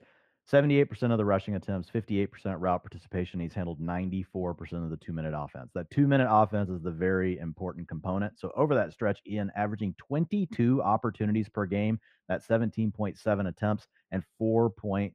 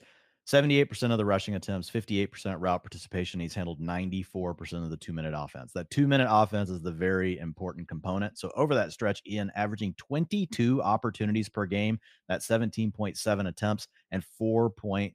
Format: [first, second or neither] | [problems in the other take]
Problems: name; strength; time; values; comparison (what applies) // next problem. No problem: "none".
second | muffled; very; fading above 3 kHz